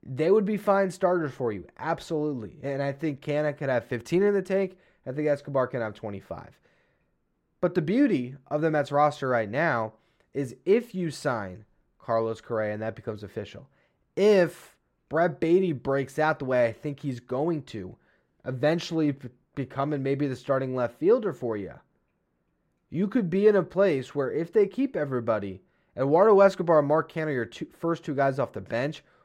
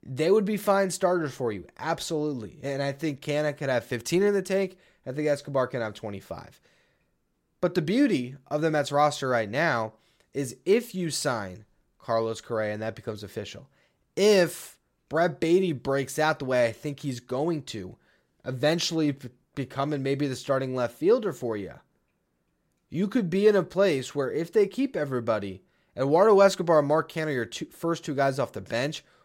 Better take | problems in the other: second | muffled; slightly; fading above 3 kHz

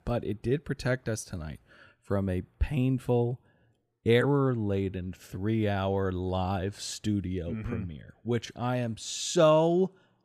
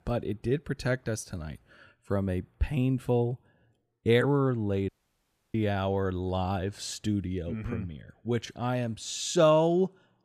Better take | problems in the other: first | audio cutting out; at 5 s for 0.5 s

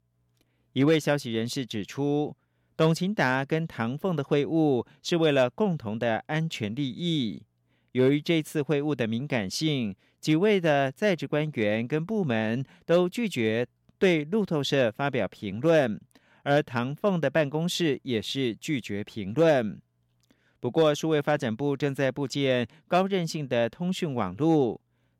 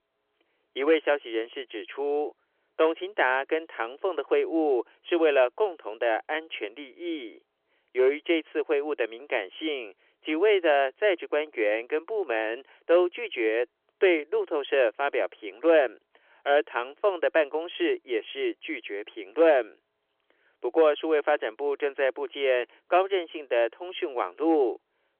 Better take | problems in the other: first | phone-call audio; nothing above 3.5 kHz

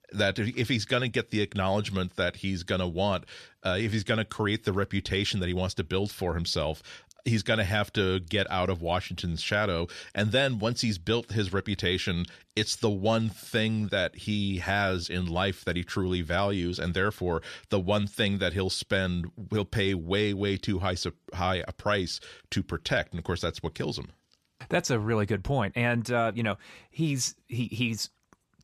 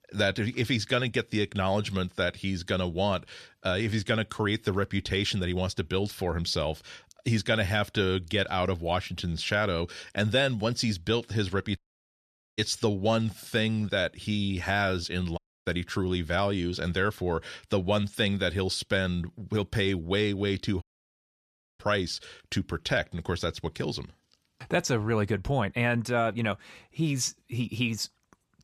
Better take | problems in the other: first | audio cutting out; at 12 s for 1 s, at 15 s and at 21 s for 1 s

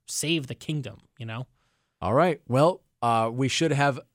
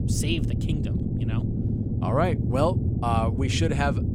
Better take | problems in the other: first | low rumble; loud; throughout; 9 dB below the speech

